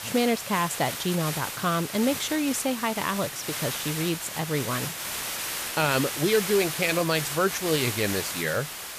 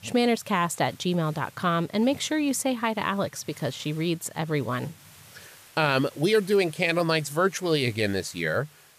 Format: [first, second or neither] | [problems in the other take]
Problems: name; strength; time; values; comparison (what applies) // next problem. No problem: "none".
second | hiss; loud; throughout; 4 dB below the speech; faint in the second